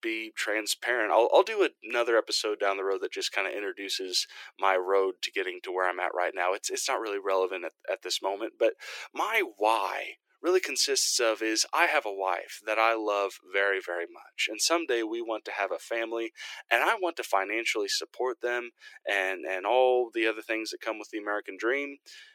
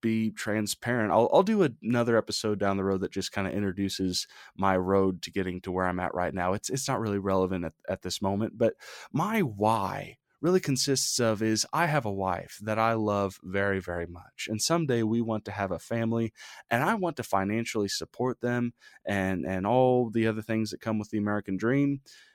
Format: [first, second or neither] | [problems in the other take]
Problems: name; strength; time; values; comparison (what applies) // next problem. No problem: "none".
second | thin; very; fading below 350 Hz